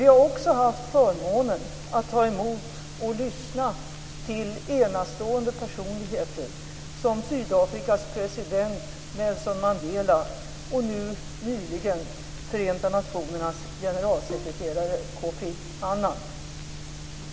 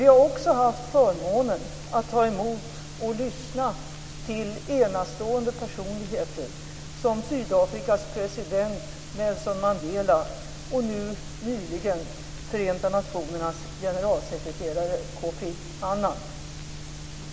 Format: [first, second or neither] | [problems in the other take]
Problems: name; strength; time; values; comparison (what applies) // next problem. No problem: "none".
second | background sound (Bowed string instrument); 17 dB below the speech